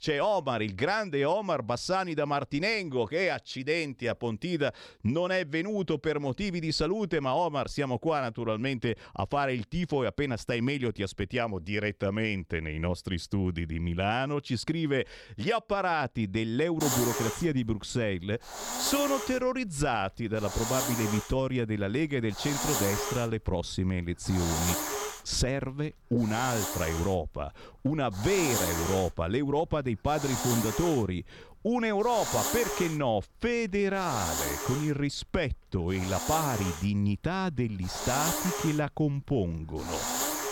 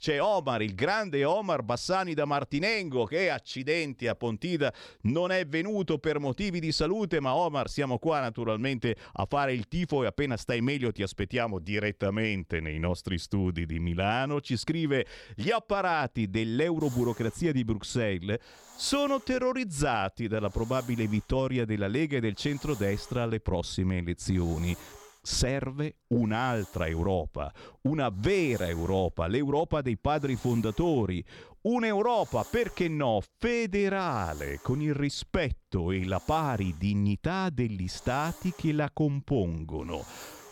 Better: second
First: hiss; loud; from 17 s on; 3 dB below the speech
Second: hiss; faint; from 17 s on; 20 dB below the speech

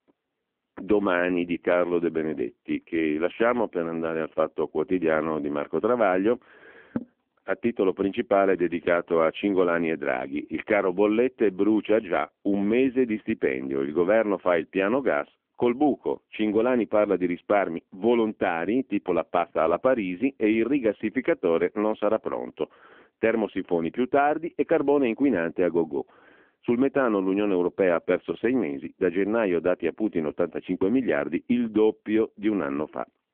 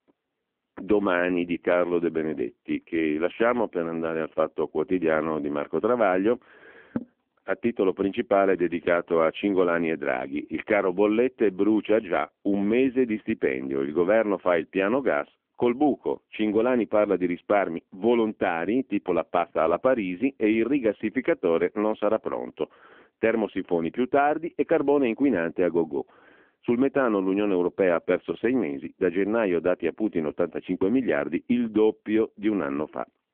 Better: neither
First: phone-call audio; poor line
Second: phone-call audio; poor line

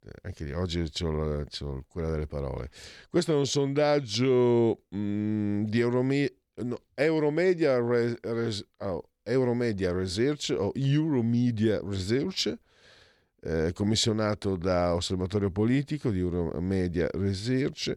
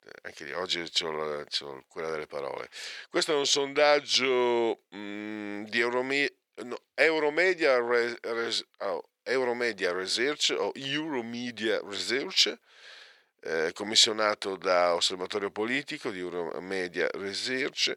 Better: first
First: none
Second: thin; very; fading below 550 Hz

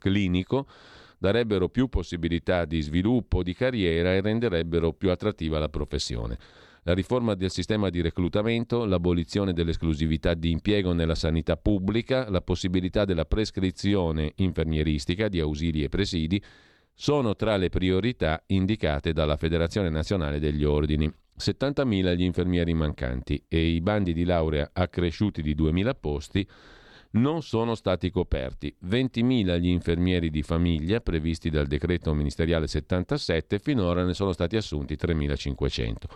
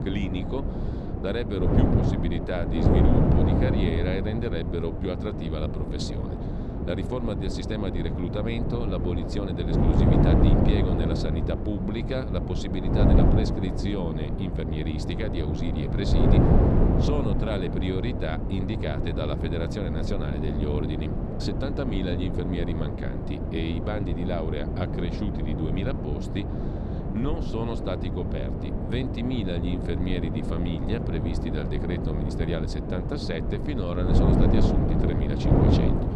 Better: first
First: none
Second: wind noise on the microphone; heavy; 1 dB above the speech

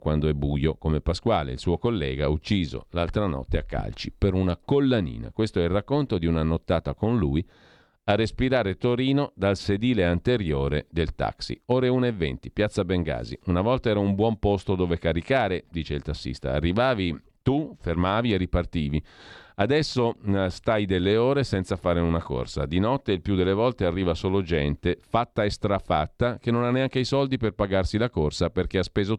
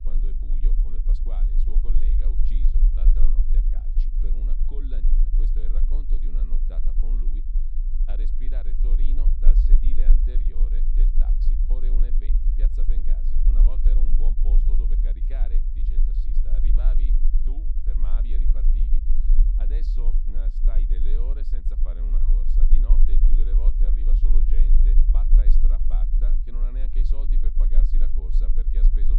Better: first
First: none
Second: low rumble; loud; throughout; 1 dB below the speech

